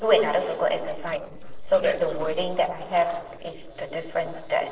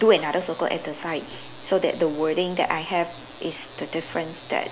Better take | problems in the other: second | noise reduction (neural separator model SepFormer DNS4)

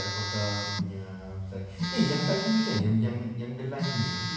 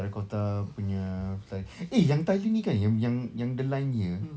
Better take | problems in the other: second | background sound (Telephone); 5 dB below the speech // room echo; dies away in 0.9 s

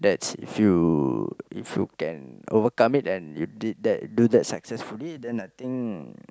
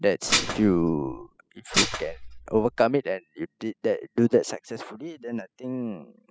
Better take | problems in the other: first | noise reduction (classical method spectral subtraction)

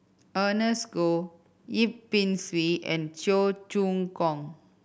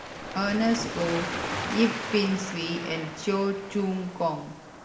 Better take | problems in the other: first | background sound (Waves, surf); 7 dB below the speech // room echo; dies away in 0.8 s

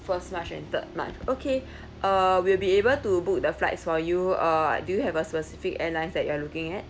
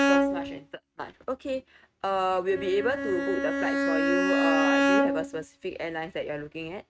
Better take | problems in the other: first | noise reduction (neural mask model RNNoise)

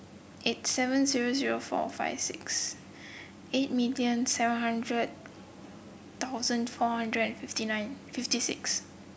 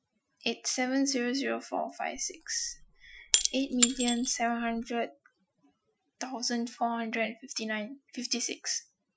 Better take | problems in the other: first | noise reduction (classical method Wiener filter)

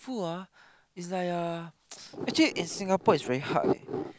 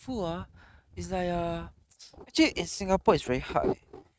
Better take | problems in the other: first | noise reduction (neural mask model RNNoise)

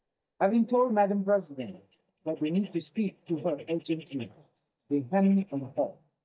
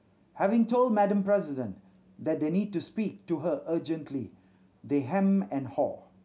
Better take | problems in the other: second | noise reduction (neural mask model DeepFilterNet 3)

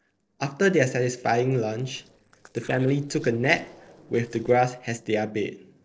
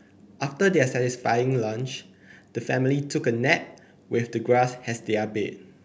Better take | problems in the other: second | noise reduction (neural separator model SepFormer DNS4)

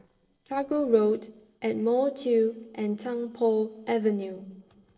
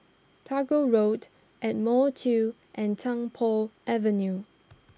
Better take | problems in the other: second | noise reduction (neural separator model SepFormer DNS4)

